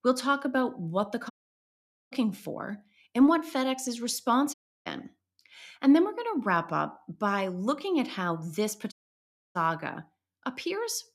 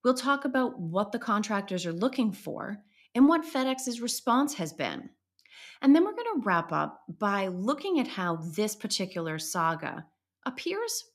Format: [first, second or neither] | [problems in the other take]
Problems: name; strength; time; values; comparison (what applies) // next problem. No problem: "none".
second | audio cutting out; at 1.5 s for 1 s, at 4.5 s and at 9 s for 0.5 s